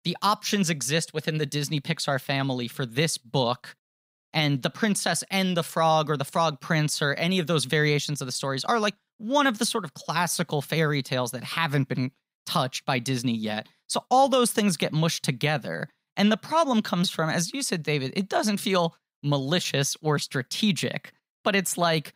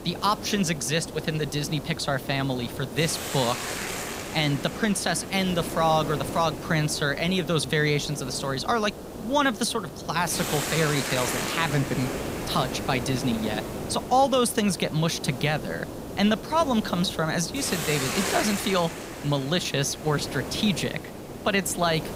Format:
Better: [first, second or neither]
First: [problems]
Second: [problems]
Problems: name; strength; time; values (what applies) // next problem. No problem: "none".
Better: first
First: none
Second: hiss; loud; throughout; 7 dB below the speech